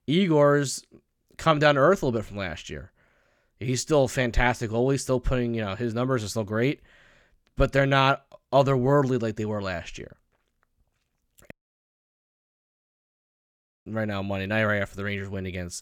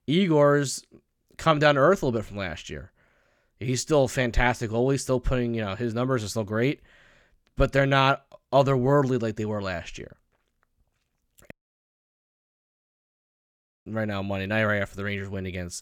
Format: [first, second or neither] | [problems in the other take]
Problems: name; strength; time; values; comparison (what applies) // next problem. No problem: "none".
neither | audio cutting out; at 12 s for 2.5 s; the same in both